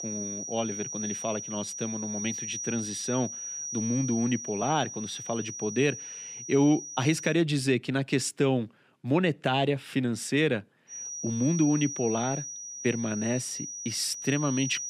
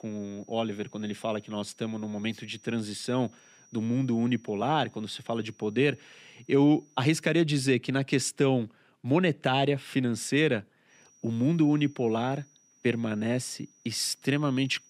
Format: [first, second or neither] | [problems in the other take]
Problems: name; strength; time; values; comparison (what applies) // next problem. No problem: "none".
second | high-pitched whine; loud; until 7.5 s and from 11 s on; 6 kHz, 6 dB below the speech; faint in the second